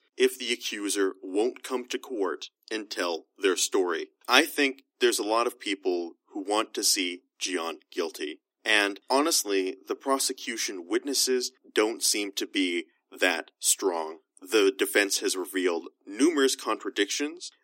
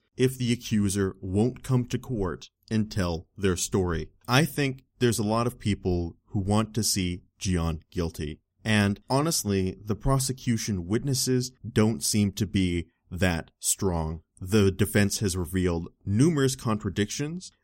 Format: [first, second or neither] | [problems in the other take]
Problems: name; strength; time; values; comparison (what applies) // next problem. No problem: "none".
second | thin; somewhat; fading below 300 Hz